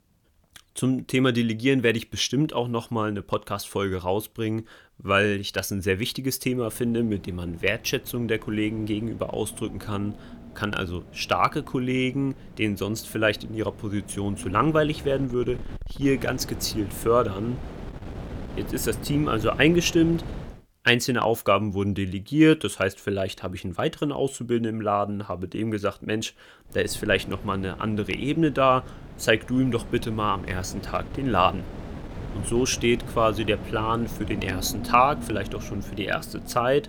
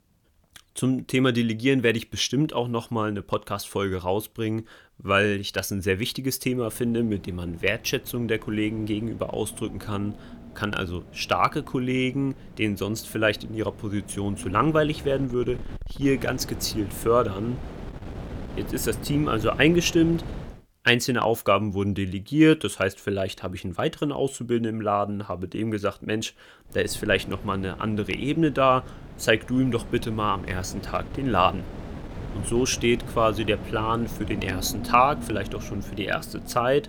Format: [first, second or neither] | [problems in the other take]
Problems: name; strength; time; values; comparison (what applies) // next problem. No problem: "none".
neither | wind noise on the microphone; occasional gusts; from 6.5 to 21 s and from 27 s on; 20 dB below the speech; the same in both